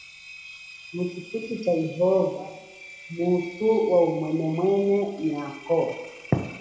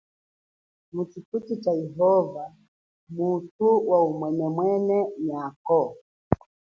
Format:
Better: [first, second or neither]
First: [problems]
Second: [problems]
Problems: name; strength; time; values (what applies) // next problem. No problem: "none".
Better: second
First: background sound (Engine); 19 dB below the speech // room echo; dies away in 0.7 s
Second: none